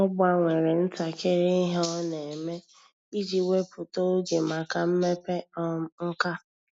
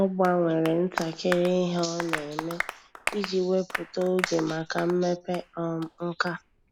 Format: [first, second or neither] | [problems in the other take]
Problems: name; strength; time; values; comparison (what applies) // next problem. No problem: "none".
first | background sound (Applause); 10 dB below the speech